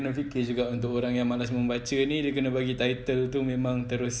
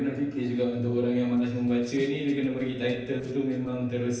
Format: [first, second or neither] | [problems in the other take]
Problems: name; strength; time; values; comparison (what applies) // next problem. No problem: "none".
first | noise reduction (neural separator model SepFormer DNS4)